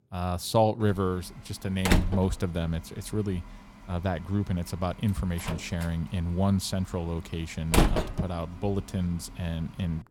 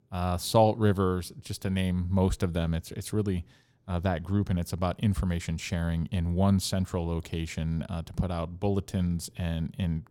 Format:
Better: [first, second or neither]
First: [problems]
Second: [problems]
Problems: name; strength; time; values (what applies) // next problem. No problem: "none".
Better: second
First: door banging; loud; from 2 to 8 s; peak 6 dB above the speech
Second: none